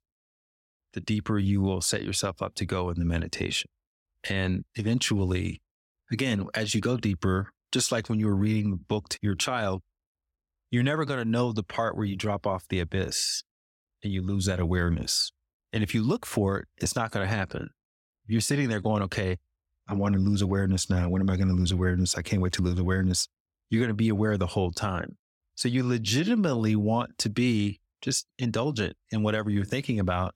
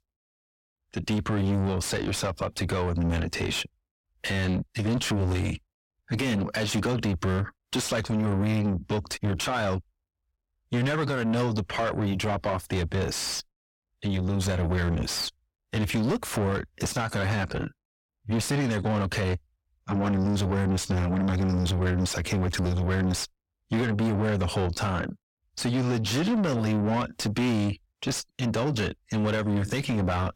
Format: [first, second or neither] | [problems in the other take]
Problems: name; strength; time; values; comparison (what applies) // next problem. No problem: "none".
first | distortion; heavy; 6 dB below the speech